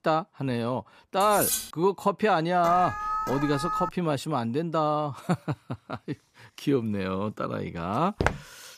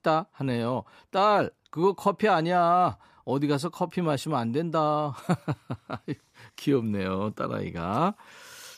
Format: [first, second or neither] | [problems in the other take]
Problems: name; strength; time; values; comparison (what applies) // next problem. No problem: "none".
second | clattering dishes; loud; at 1 s; peak 1 dB above the speech // alarm; noticeable; from 2.5 to 4 s; peak 2 dB below the speech // footsteps; noticeable; at 8 s; peak 1 dB below the speech